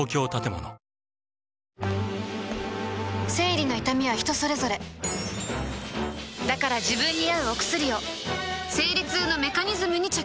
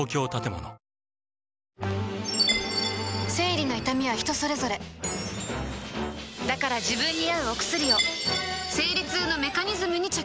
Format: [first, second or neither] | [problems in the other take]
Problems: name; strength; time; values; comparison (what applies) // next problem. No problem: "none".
first | background sound (Chime); 6 dB below the speech